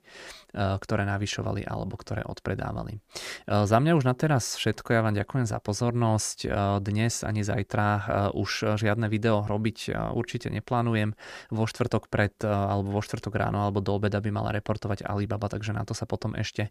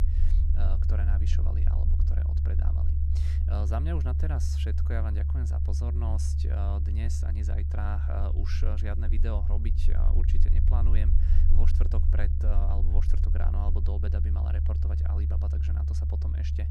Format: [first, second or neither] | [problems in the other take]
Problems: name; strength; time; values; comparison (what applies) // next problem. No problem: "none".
first | low rumble; loud; throughout; 2 dB below the speech